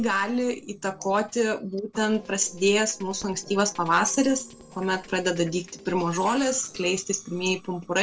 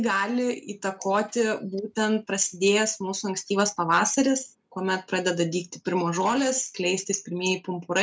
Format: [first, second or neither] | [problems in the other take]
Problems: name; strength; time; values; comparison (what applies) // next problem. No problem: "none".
second | noise reduction (neural separator model SepFormer DNS4)